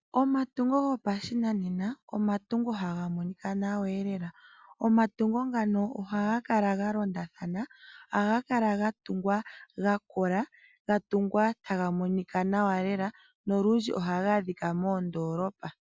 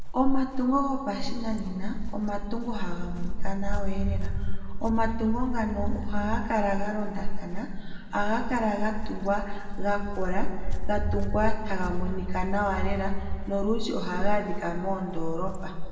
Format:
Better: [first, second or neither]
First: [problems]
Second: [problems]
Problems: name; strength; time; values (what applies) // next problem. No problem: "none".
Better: first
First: none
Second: background sound (Walk, footsteps); 4 dB above the speech // room echo; dies away in 1.9 s